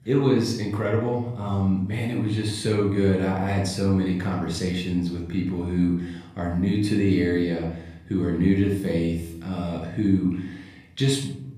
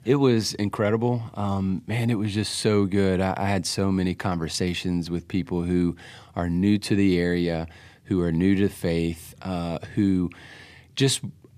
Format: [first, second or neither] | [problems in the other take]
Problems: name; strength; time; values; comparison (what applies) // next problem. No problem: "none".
second | off-mic speech; far // room echo; noticeable; dies away in 0.6 s